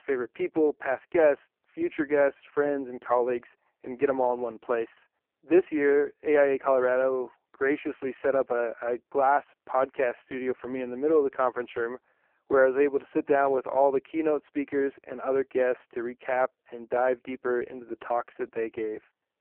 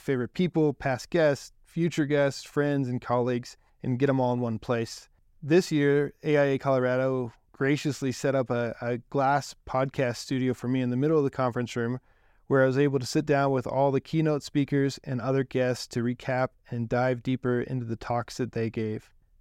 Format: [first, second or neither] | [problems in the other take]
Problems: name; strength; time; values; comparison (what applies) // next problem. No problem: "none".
second | phone-call audio; poor line